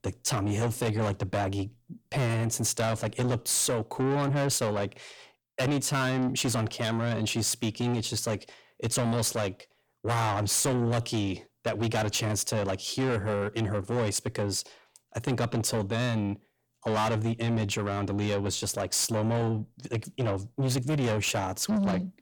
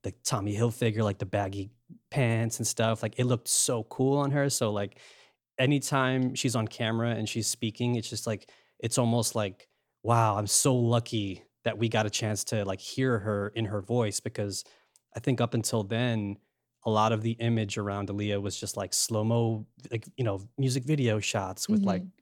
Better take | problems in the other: second | distortion; heavy; 6 dB below the speech

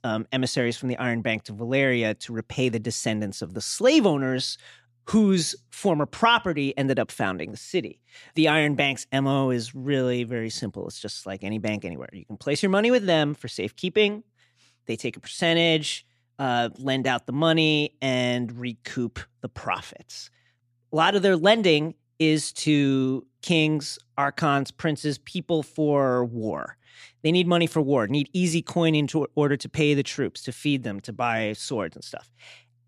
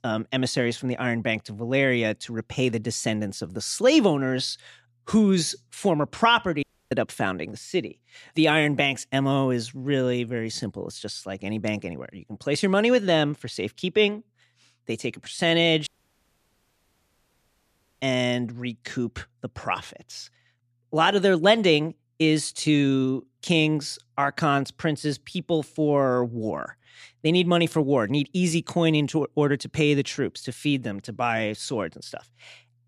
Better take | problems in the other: first | audio cutting out; at 6.5 s and at 16 s for 2 s

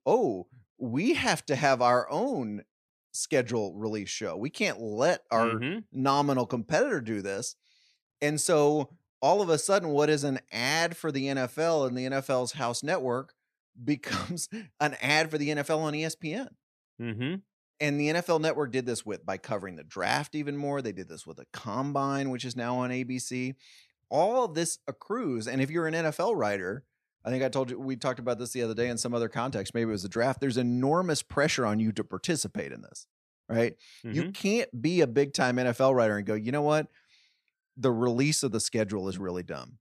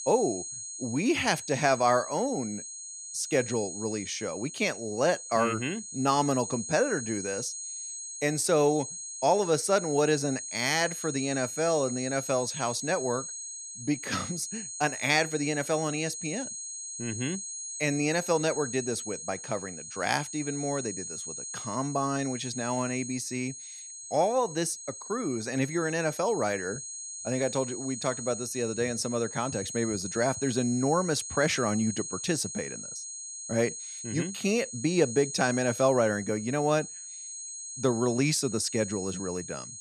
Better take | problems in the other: first | high-pitched whine; loud; throughout; 6.5 kHz, 8 dB below the speech

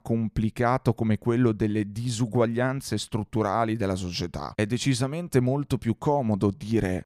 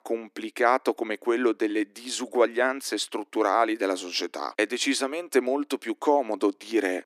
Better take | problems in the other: first | thin; somewhat; fading below 300 Hz

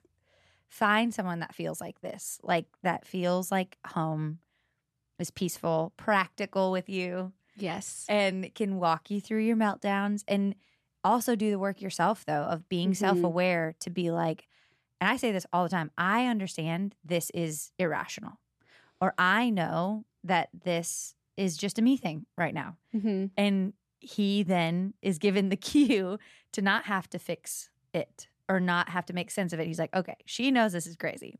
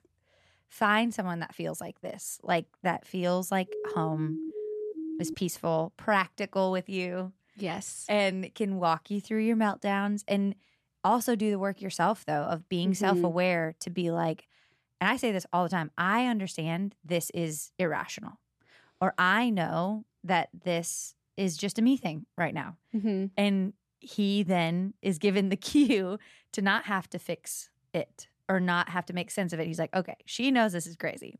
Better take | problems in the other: first | siren; noticeable; from 3.5 to 5.5 s; peak 7 dB below the speech

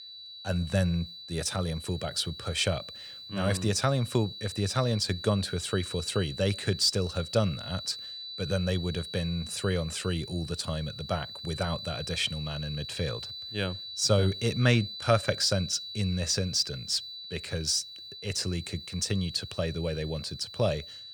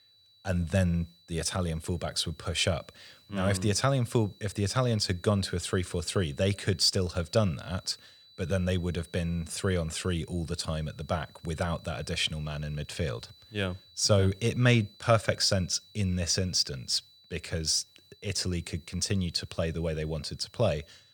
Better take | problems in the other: second | high-pitched whine; loud; throughout; 4 kHz, 10 dB below the speech; faint in the second

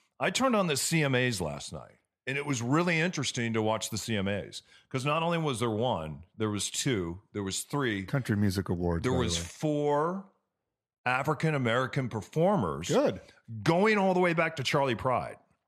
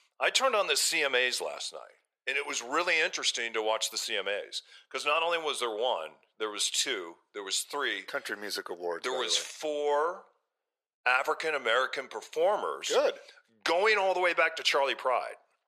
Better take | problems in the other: first | thin; very; fading below 450 Hz

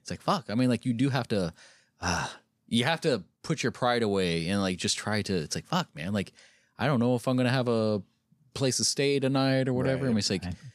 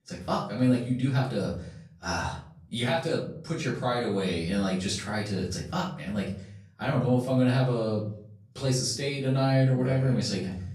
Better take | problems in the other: first | off-mic speech; far // room echo; slight; dies away in 0.6 s

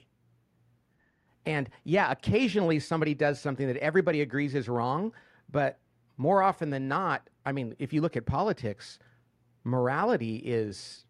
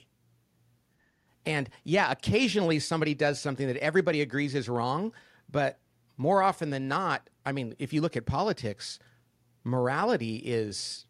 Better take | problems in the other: second | muffled; slightly; fading above 3 kHz

